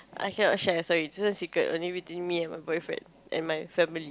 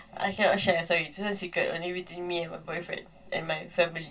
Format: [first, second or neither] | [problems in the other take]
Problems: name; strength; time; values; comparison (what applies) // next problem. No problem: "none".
first | room echo; dies away in 0.1 s